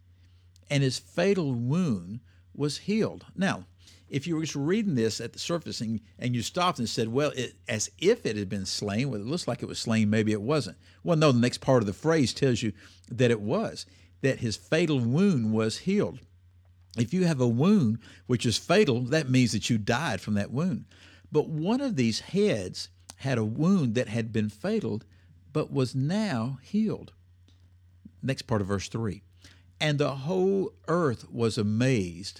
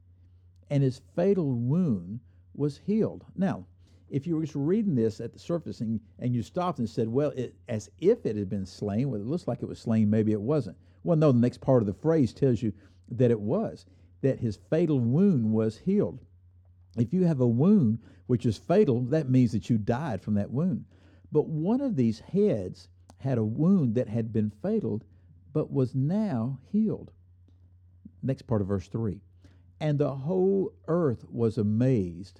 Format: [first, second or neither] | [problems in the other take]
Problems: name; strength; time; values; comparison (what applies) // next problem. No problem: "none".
first | muffled; slightly; fading above 1 kHz